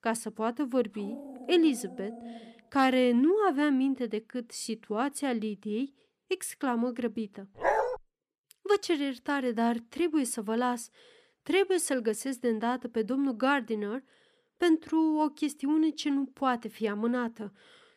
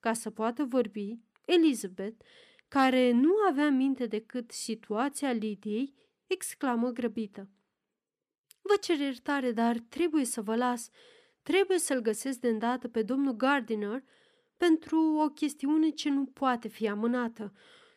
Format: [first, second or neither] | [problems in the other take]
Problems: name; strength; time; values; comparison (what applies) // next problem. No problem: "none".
second | dog barking; faint; from 1 to 2.5 s; peak 15 dB below the speech // dog barking; loud; at 7.5 s; peak 1 dB above the speech